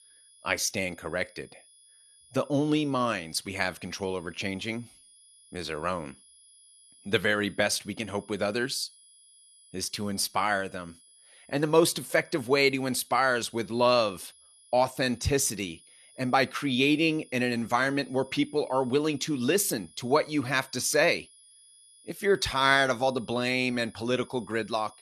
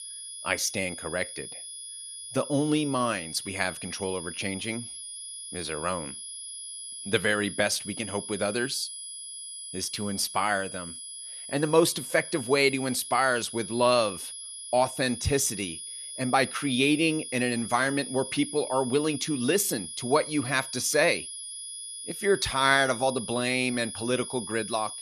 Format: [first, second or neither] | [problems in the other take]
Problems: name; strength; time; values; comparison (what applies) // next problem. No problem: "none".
first | high-pitched whine; loud; throughout; 10.5 kHz, 9 dB below the speech; faint in the first